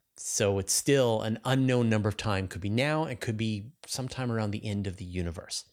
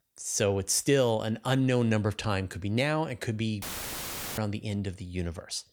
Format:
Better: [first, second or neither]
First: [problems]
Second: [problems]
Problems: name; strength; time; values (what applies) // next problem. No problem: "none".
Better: first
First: none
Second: audio cutting out; filled with static; at 3.5 s for 1 s